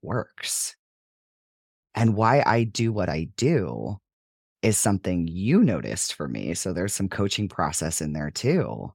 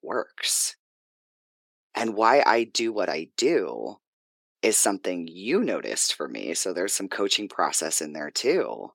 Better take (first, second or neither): first